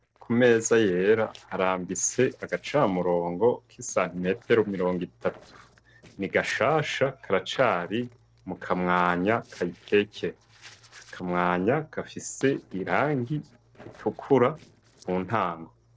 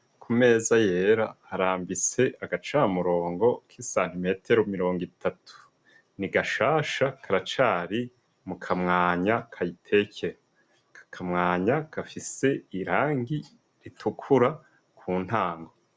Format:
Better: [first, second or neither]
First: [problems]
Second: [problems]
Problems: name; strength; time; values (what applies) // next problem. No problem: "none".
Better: second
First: noise reduction (neural separator model SepFormer DNS4)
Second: none